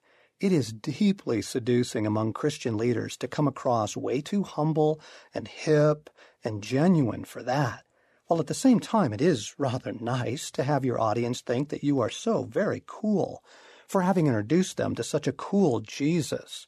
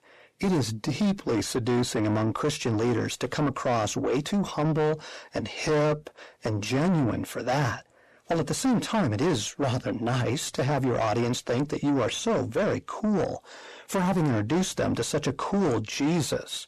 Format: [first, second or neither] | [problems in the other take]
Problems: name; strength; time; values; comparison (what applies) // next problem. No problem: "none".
first | distortion; heavy; 7 dB below the speech